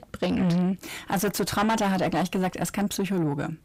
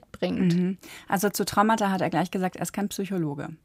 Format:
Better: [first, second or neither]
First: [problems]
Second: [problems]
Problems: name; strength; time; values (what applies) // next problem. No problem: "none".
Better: second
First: distortion; heavy; 8 dB below the speech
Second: none